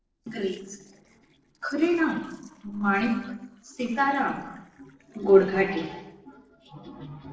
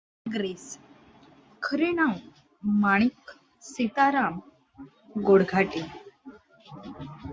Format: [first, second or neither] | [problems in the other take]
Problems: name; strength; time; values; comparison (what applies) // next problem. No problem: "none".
second | noise reduction (neural separator model SepFormer DNS4)